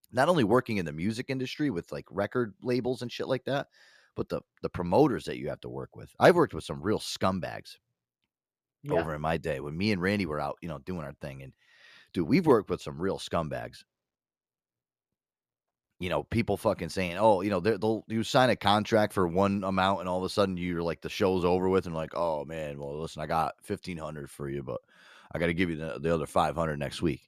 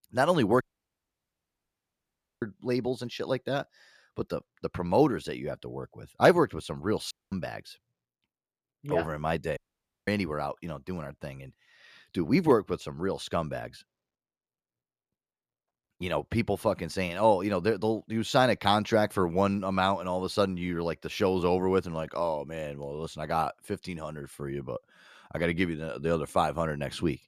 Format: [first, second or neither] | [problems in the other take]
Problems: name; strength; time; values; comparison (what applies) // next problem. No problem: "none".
first | audio cutting out; at 0.5 s for 2 s, at 7 s and at 9.5 s for 0.5 s